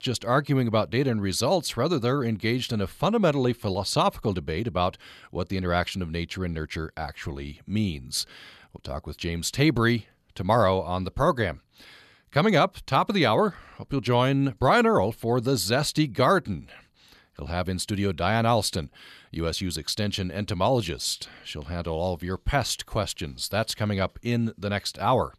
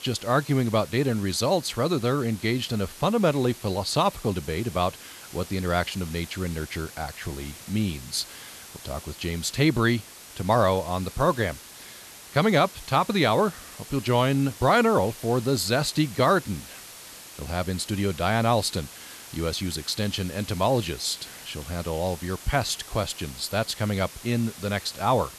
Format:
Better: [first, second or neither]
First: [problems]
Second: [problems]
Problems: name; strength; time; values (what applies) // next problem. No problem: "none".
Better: first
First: none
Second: hiss; noticeable; throughout; 15 dB below the speech